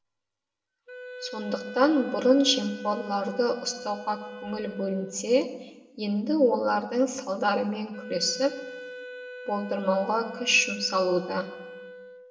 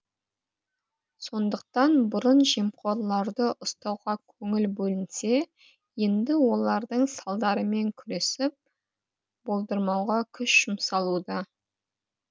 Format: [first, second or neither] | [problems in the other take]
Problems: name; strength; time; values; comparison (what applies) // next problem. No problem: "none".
second | background sound (Wind instrument, woodwind instrument); 15 dB below the speech // room echo; dies away in 1 s